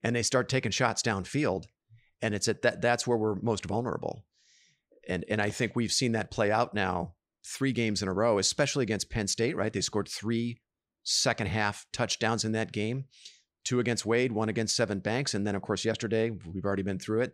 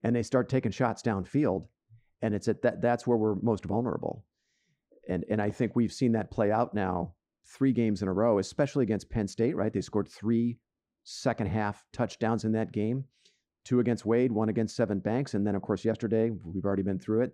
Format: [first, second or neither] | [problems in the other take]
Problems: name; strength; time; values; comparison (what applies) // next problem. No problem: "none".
first | muffled; slightly; fading above 1.5 kHz